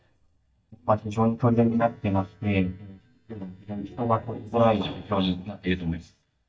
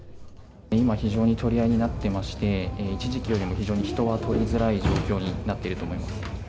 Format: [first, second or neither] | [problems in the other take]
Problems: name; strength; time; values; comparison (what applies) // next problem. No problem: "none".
second | noise reduction (neural mask model DeepFilterNet 3)